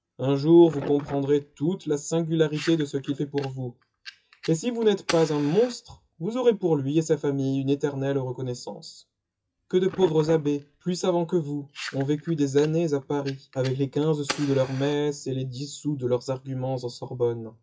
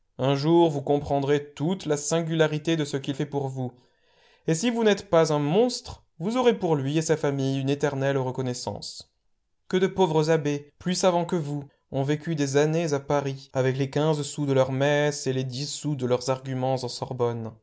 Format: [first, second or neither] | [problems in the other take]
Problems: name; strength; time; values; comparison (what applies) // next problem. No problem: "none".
second | noise reduction (classical method WPE with log-MMSE)